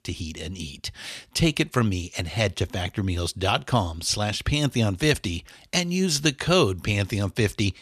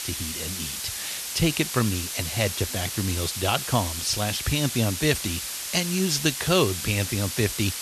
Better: first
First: none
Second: hiss; loud; throughout; 4 dB below the speech

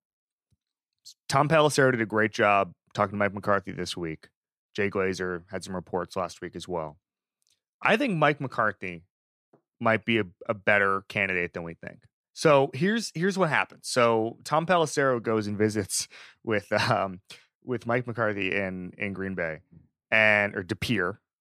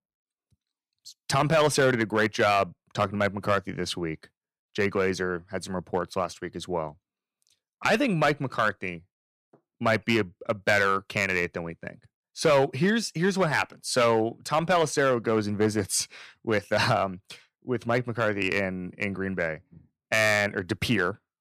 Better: first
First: none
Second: distortion; slight; 3% of the sound clipped

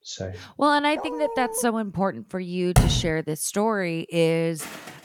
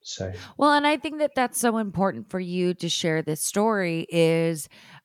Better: second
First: dog barking; noticeable; at 1 s; peak 8 dB below the speech // door banging; loud; at 3 s; peak 3 dB above the speech // footsteps; faint; at 4.5 s; peak 15 dB below the speech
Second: none

